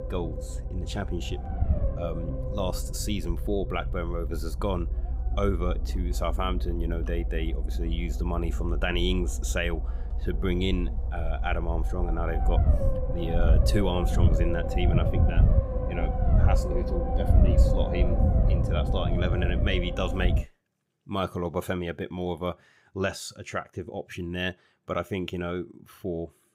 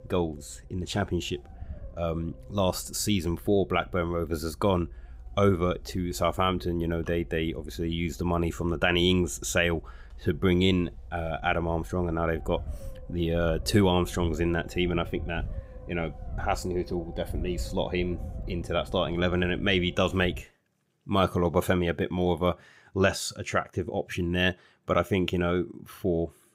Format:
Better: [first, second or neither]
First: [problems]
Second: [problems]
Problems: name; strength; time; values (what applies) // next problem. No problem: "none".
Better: second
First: low rumble; loud; until 20 s; 3 dB below the speech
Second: low rumble; faint; until 20 s; 20 dB below the speech